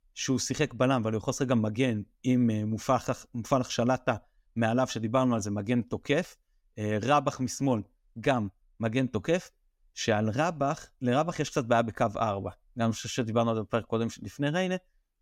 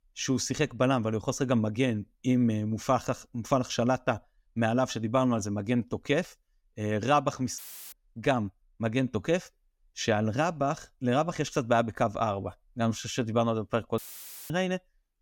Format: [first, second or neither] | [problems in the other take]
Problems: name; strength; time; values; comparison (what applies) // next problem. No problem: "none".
first | audio cutting out; filled with static; at 7.5 s and at 14 s for 0.5 s